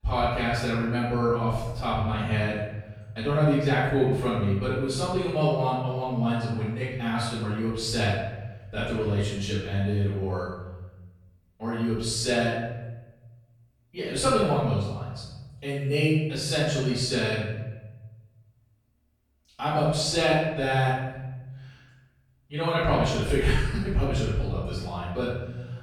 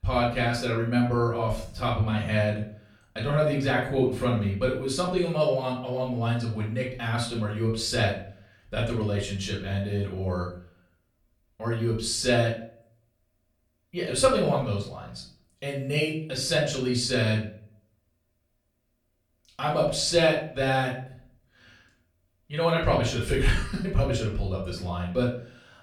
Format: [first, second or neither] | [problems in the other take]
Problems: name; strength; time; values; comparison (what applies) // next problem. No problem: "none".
second | room echo; strong; dies away in 1.1 s; slight in the second // off-mic speech; far; far in the second